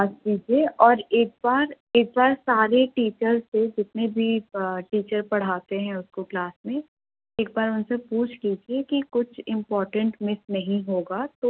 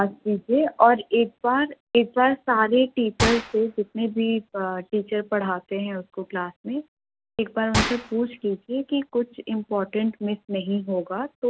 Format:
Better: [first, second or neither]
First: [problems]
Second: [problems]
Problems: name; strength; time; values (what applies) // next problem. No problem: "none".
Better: first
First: none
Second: background sound (Gunshot, gunfire); 8 dB below the speech